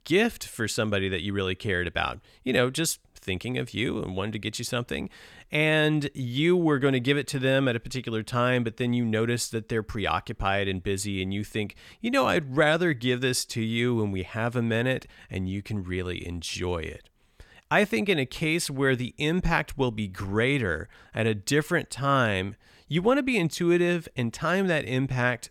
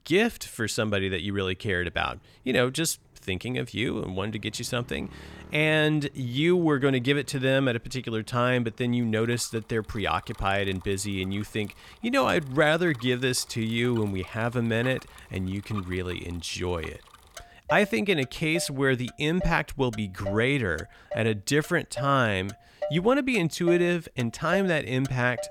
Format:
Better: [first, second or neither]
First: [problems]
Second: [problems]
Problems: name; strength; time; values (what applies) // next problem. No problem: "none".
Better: first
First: none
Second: traffic noise; noticeable; throughout; 15 dB below the speech